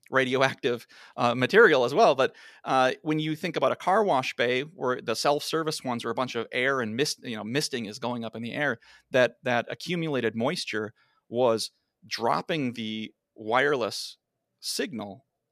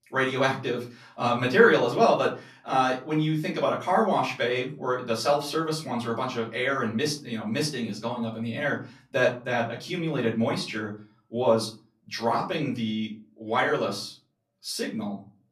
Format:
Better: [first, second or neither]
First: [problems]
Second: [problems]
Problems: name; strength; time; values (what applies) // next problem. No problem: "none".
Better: first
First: none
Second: off-mic speech; far // room echo; slight; dies away in 0.4 s